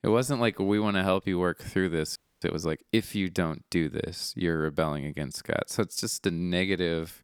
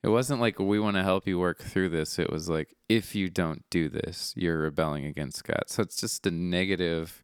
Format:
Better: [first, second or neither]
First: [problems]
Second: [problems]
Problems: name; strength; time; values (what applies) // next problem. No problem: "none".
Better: second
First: audio freezing; at 2 s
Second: none